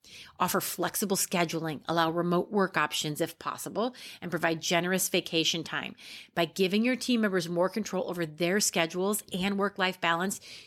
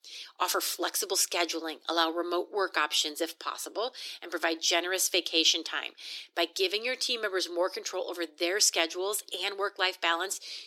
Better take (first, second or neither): first